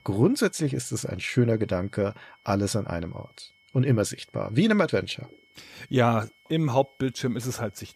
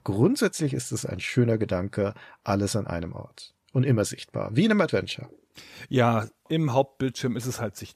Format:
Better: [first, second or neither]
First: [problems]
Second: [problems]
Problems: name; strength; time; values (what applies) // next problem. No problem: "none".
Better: second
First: high-pitched whine; faint; throughout; 2 kHz, 30 dB below the speech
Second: none